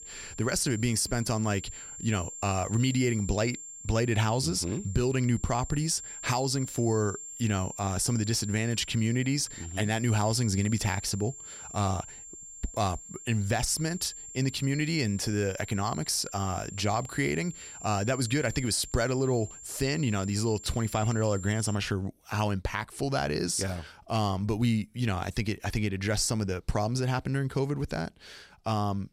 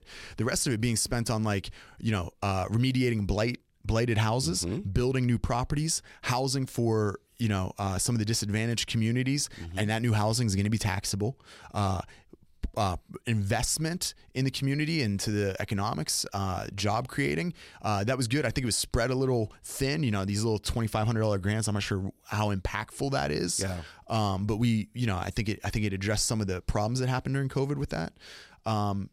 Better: second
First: high-pitched whine; noticeable; until 22 s; 7.5 kHz, 10 dB below the speech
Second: none

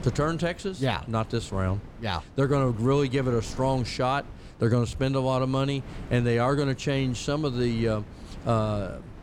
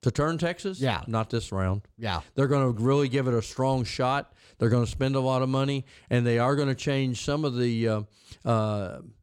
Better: second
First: wind noise on the microphone; occasional gusts; 20 dB below the speech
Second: none

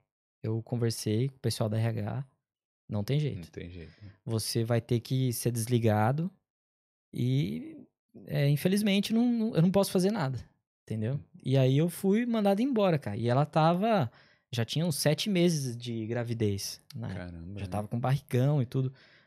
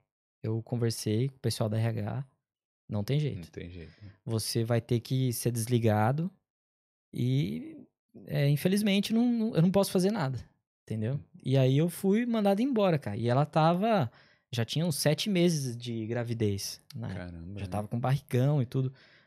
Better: neither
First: none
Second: none

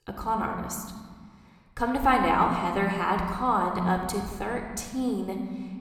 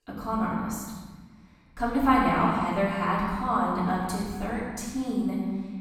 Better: first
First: room echo; slight; dies away in 1.4 s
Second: room echo; strong; dies away in 1.4 s // off-mic speech; far

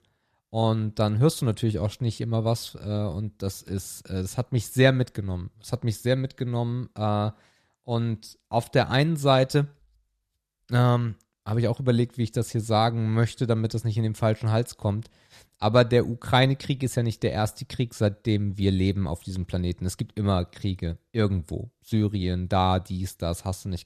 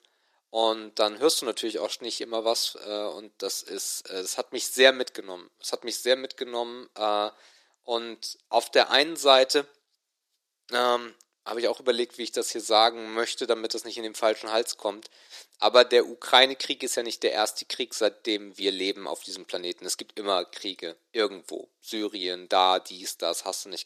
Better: first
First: none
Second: thin; very; fading below 350 Hz

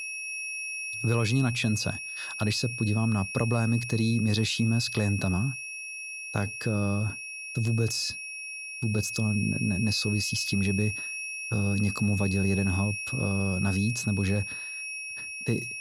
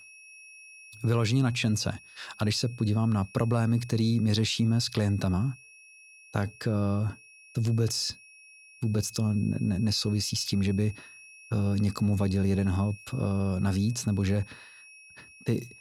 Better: second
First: high-pitched whine; loud; throughout; 2.5 kHz, 5 dB below the speech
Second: high-pitched whine; faint; throughout; 2.5 kHz, 20 dB below the speech

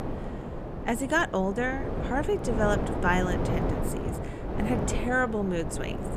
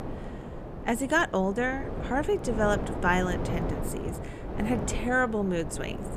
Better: second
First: wind noise on the microphone; heavy; 7 dB below the speech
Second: wind noise on the microphone; occasional gusts; 10 dB below the speech

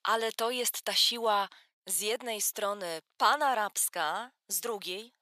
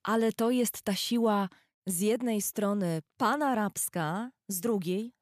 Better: second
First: thin; very; fading below 750 Hz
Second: none

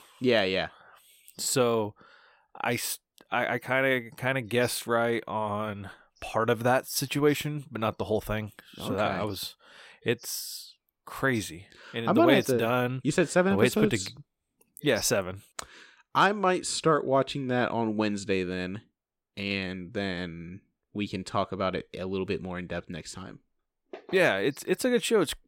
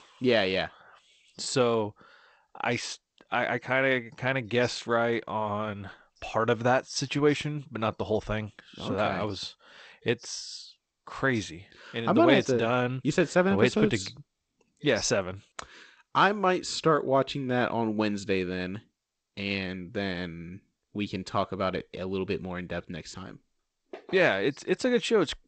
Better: first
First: none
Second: garbled, watery; slightly; nothing above 8 kHz

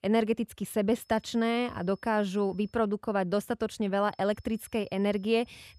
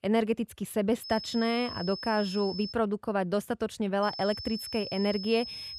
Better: first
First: high-pitched whine; faint; from 1 to 2.5 s and from 4 s on; 5.5 kHz, 35 dB below the speech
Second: high-pitched whine; loud; from 1 to 2.5 s and from 4 s on; 5.5 kHz, 9 dB below the speech

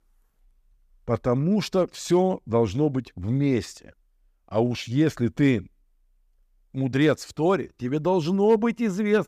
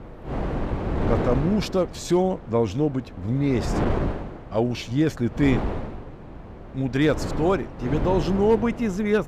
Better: first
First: none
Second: wind noise on the microphone; heavy; 7 dB below the speech

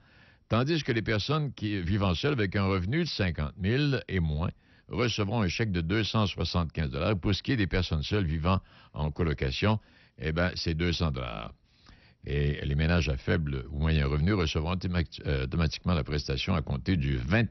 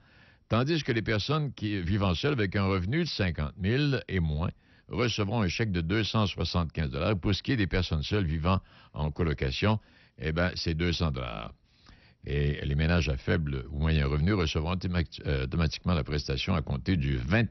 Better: neither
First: garbled, watery; slightly; nothing above 6 kHz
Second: garbled, watery; slightly; nothing above 6 kHz

